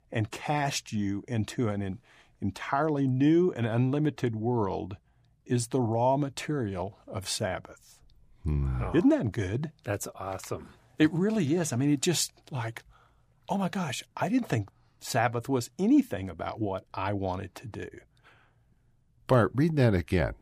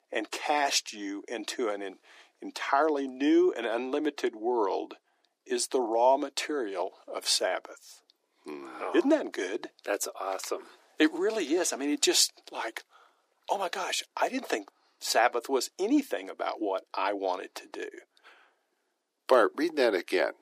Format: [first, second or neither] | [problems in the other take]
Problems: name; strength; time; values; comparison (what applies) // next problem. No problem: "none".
first | thin; somewhat; fading below 300 Hz